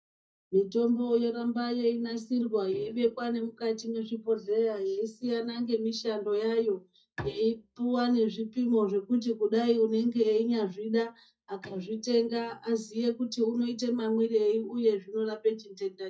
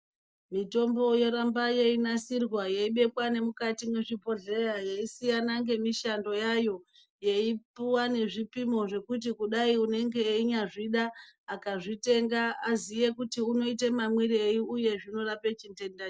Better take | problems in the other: second | noise reduction (neural mask model DeepFilterNet 3)

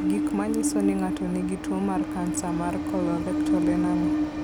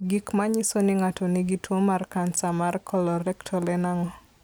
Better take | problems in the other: second | background sound (Train); 3 dB above the speech

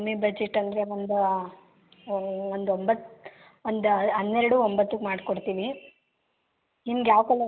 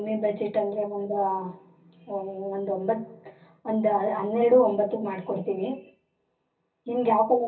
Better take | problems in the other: first | room echo; dies away in 0.3 s

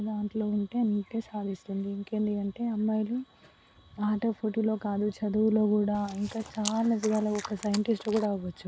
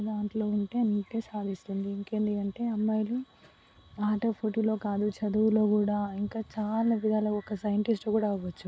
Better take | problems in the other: second | background sound (Chewing, mastication); 13 dB below the speech

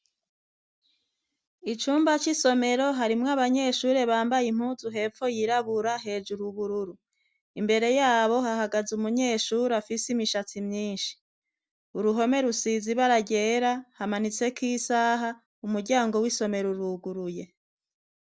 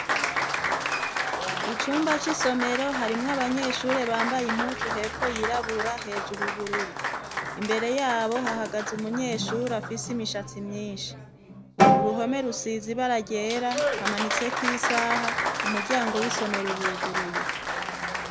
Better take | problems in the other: first | background sound (Applause); 1 dB above the speech

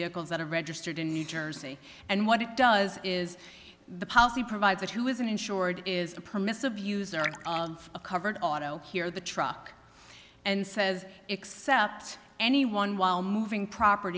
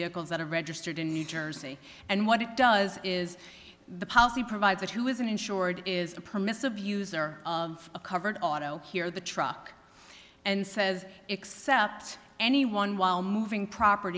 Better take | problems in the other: second | background sound (Liquid); 17 dB below the speech

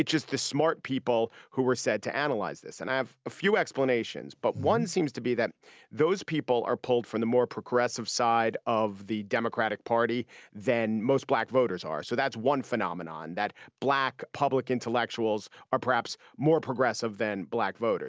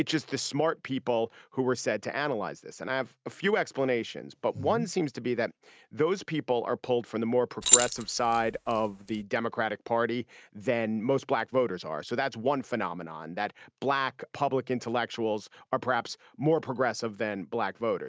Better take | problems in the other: first | noise reduction (neural mask model RNNoise)

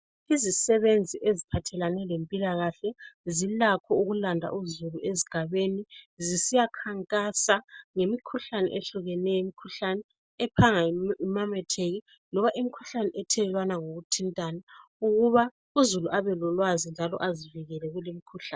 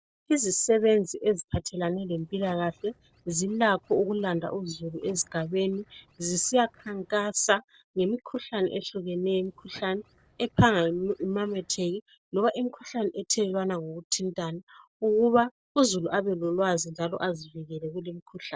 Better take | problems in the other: first | noise reduction (neural separator model SepFormer DNS4)

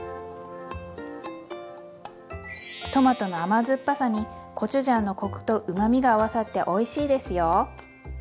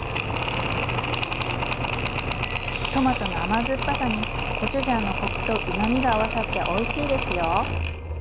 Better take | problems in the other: first | background sound (Mechanisms); 1 dB above the speech

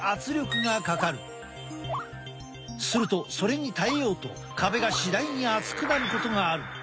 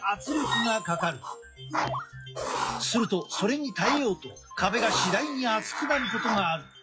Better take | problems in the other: first | noise reduction (classical method log-MMSE)

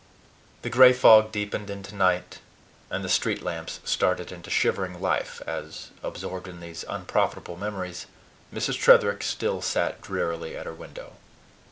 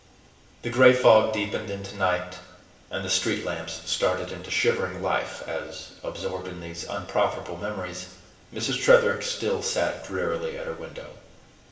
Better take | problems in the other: first | room echo; dies away in 0.9 s

